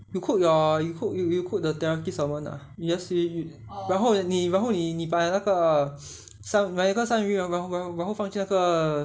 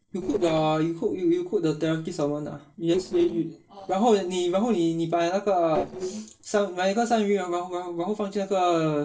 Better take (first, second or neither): first